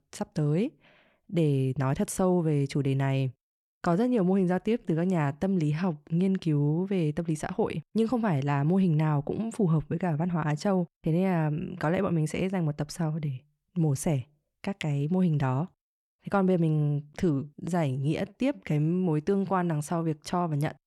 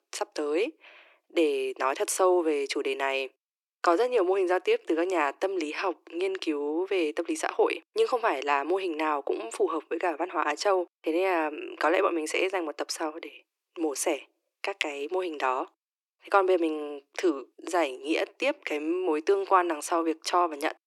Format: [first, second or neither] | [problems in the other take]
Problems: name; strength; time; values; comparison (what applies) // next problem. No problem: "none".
first | thin; very; fading below 300 Hz